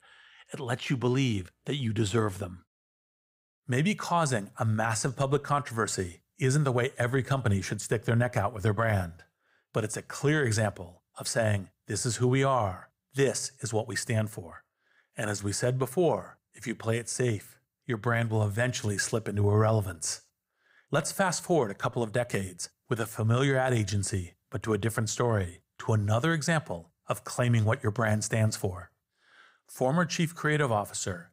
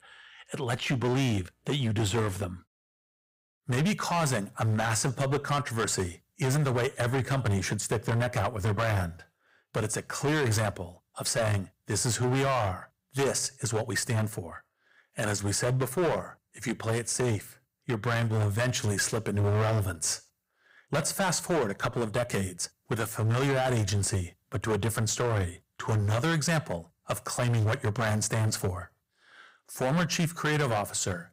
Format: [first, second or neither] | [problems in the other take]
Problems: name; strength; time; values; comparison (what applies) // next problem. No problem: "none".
first | distortion; heavy; 16% of the sound clipped